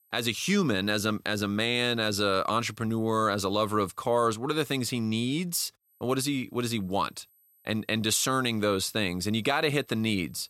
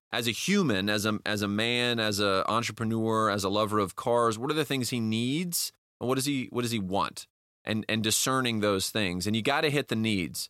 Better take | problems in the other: second | high-pitched whine; faint; until 4.5 s and from 6 s on; 12 kHz, 35 dB below the speech

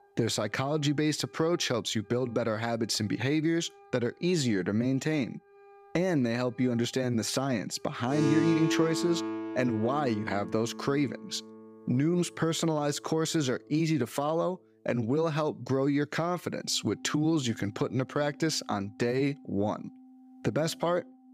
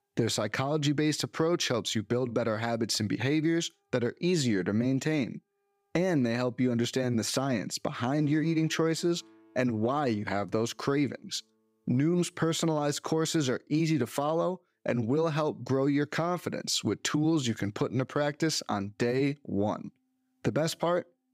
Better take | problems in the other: second | background music; loud; throughout; 5 dB below the speech; faint in the second

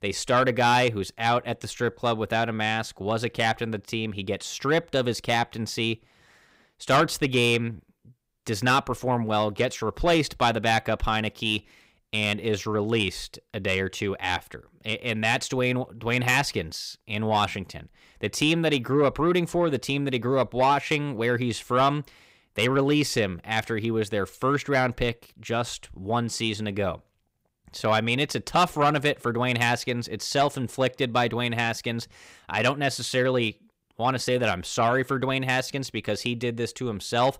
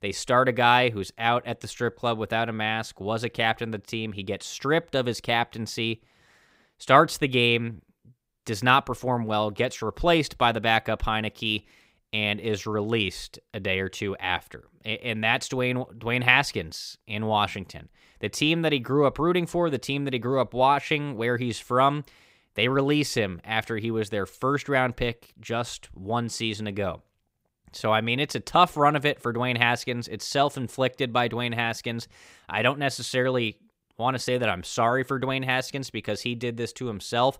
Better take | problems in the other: second | distortion; slight; 10 dB below the speech

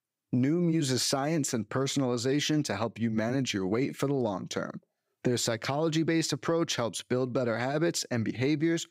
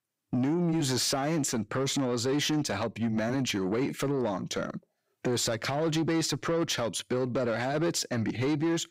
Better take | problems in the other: first | distortion; slight; 10 dB below the speech

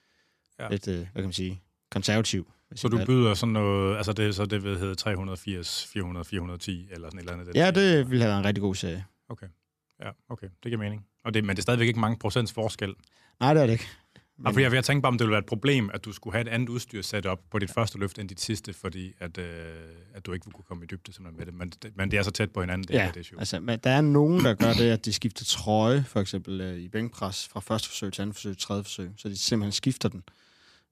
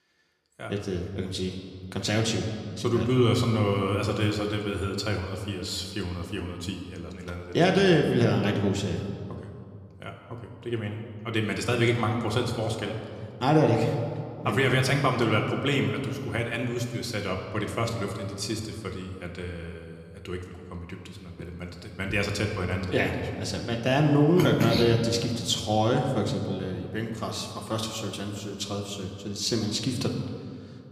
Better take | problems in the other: first | room echo; slight; dies away in 1.8 s

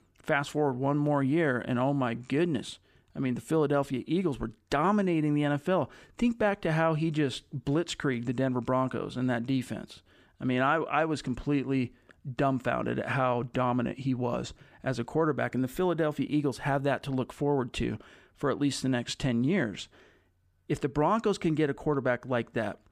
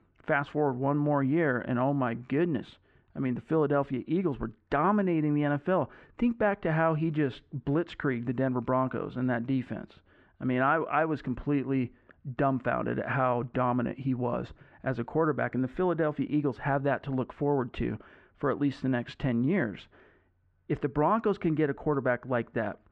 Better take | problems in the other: first | muffled; very; fading above 2 kHz

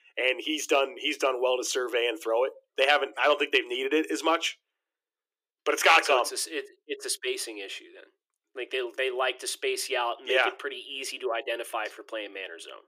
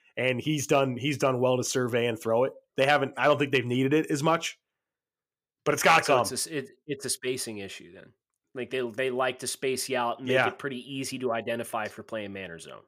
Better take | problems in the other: second | thin; very; fading below 300 Hz

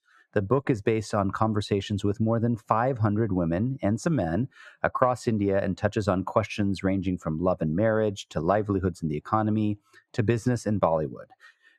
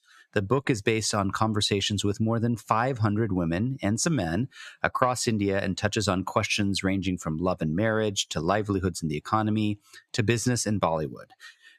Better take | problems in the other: second | muffled; slightly; fading above 2 kHz

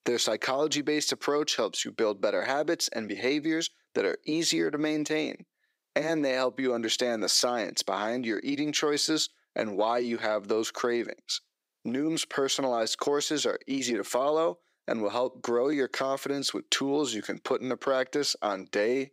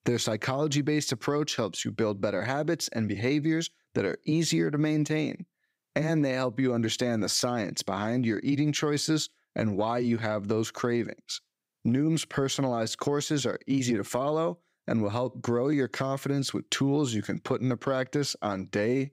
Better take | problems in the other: second | thin; somewhat; fading below 400 Hz

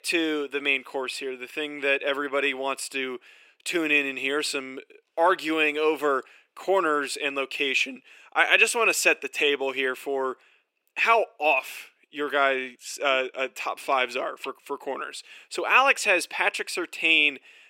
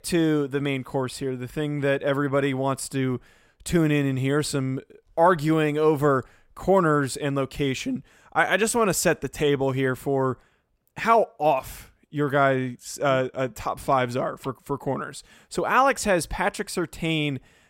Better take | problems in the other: second | thin; somewhat; fading below 350 Hz

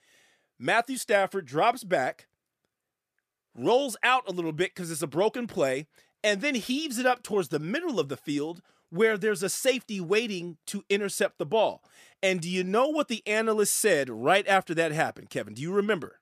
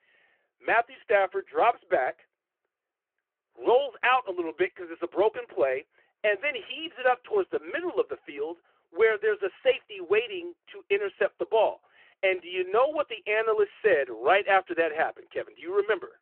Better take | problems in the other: first | phone-call audio

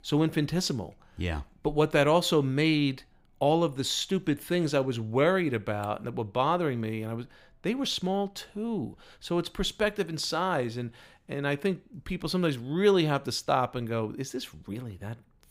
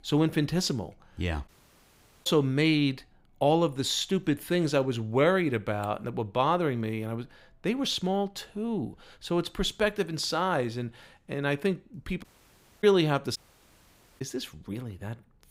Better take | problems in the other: first | audio cutting out; at 1.5 s for 1 s, at 12 s for 0.5 s and at 13 s for 1 s

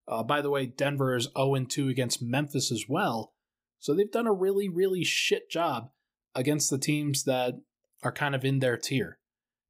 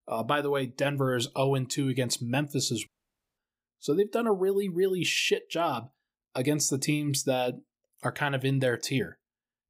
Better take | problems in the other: first | audio cutting out; at 3 s for 0.5 s

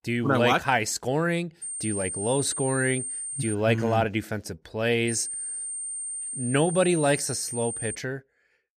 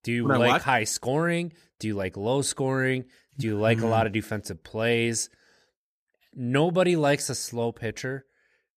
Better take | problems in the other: second | high-pitched whine; loud; from 1.5 to 3.5 s and from 5 to 8 s; 8.5 kHz, 5 dB below the speech

